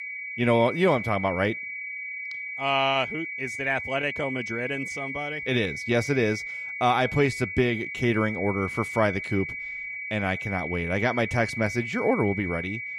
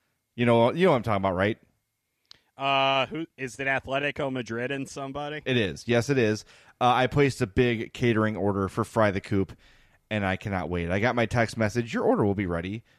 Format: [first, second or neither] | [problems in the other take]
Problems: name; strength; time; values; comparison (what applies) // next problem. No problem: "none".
second | high-pitched whine; loud; throughout; 2.5 kHz, 6 dB below the speech